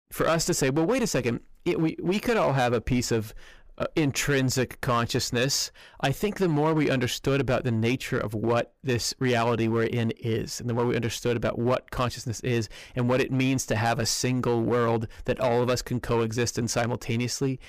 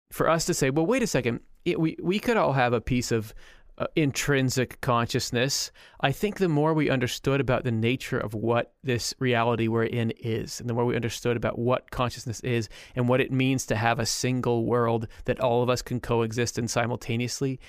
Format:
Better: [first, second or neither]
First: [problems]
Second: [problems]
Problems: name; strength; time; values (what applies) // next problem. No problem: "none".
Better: second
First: distortion; slight; 7% of the sound clipped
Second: none